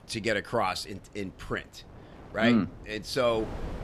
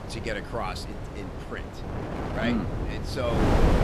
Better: first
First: wind noise on the microphone; occasional gusts; 20 dB below the speech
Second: wind noise on the microphone; heavy; 1 dB below the speech

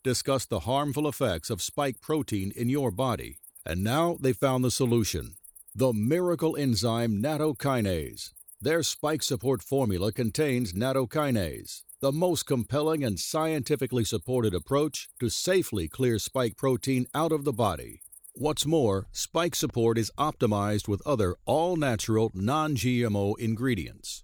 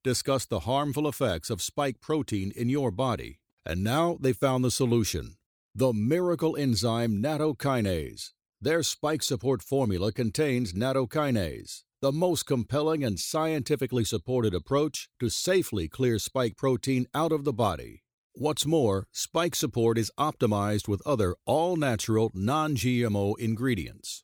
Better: second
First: animal sounds; faint; throughout; 20 dB below the speech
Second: none

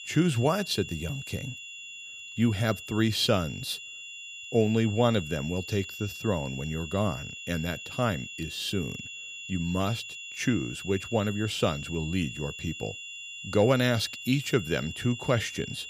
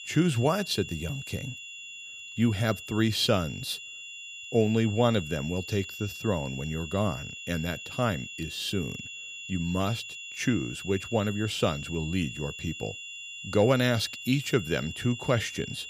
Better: neither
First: high-pitched whine; loud; throughout; 3 kHz, 10 dB below the speech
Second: high-pitched whine; loud; throughout; 3 kHz, 10 dB below the speech

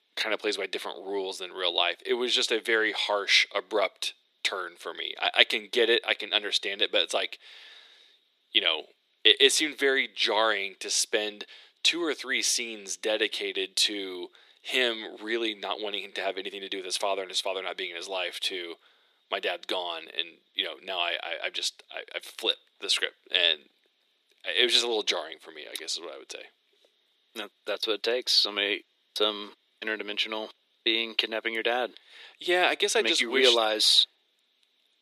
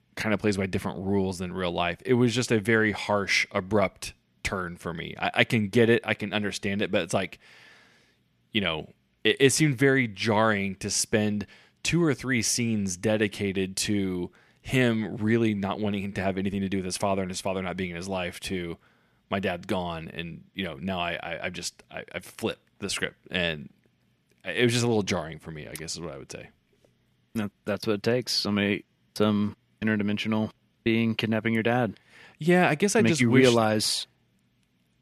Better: second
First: thin; very; fading below 350 Hz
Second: none

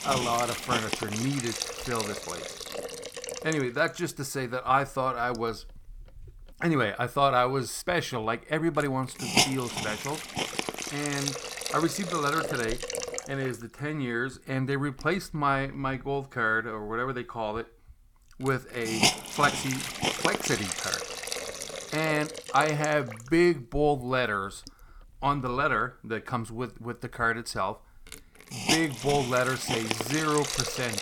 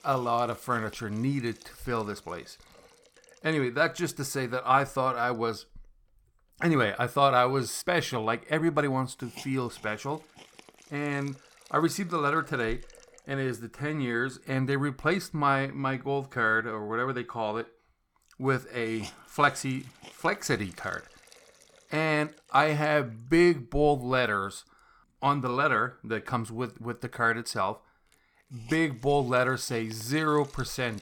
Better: second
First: hiss; loud; throughout; 2 dB below the speech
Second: hiss; faint; throughout; 25 dB below the speech

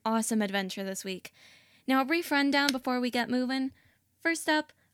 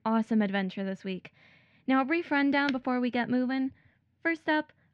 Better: first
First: none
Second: muffled; slightly; fading above 3 kHz

